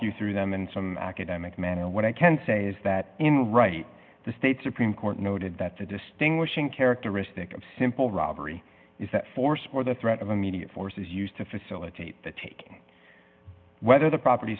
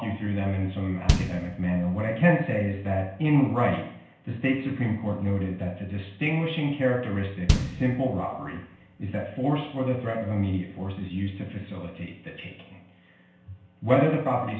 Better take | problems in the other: first | background sound (Bass drum); 4 dB below the speech // room echo; dies away in 0.5 s

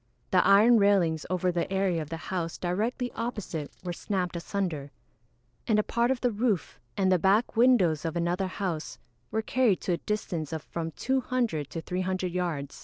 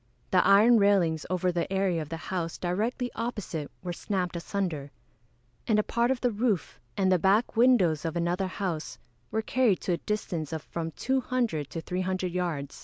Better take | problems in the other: second | noise reduction (neural separator model SepFormer DNS4)

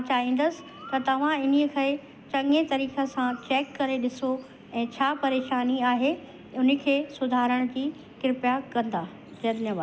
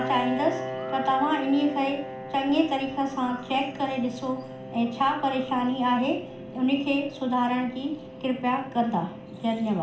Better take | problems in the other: first | background sound (Piano); 11 dB below the speech // room echo; dies away in 0.4 s

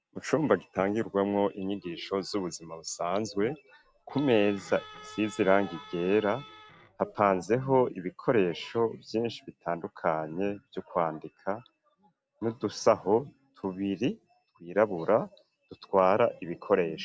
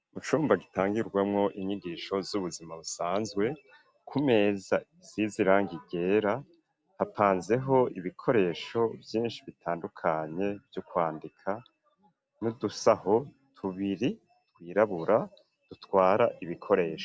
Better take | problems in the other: second | background sound (Bowed string instrument); 19 dB below the speech

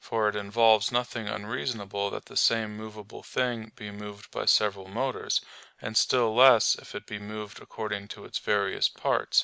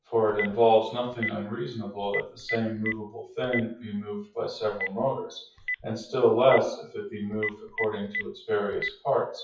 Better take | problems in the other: first | noise reduction (classical method WPE with log-MMSE)

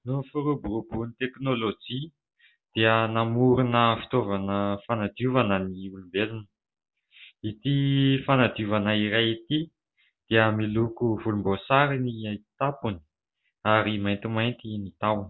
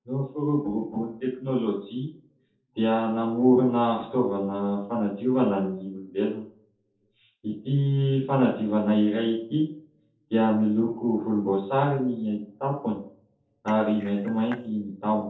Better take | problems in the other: first | noise reduction (neural separator model SepFormer DNS4)

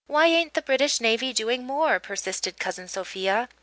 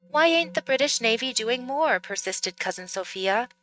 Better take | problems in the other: first | noise reduction (neural mask model RNNoise)

